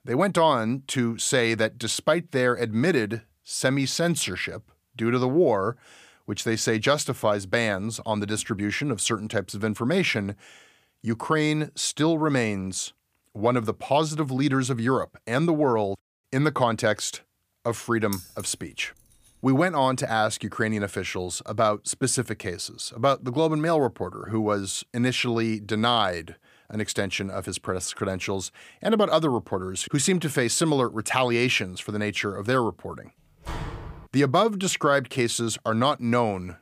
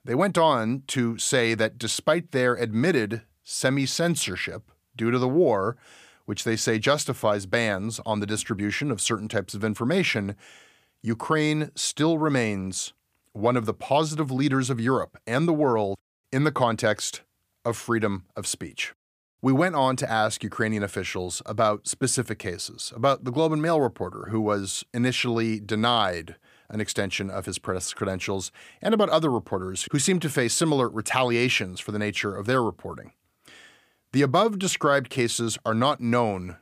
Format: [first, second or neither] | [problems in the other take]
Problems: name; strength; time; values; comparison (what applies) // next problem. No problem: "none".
second | jangling keys; faint; at 18 s; peak 10 dB below the speech // door banging; faint; at 33 s; peak 10 dB below the speech